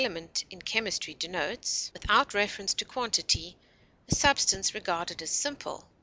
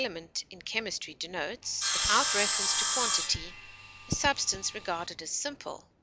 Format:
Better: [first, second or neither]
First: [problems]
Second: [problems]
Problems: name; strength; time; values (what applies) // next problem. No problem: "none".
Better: first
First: none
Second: background sound (Sawing); 1 dB above the speech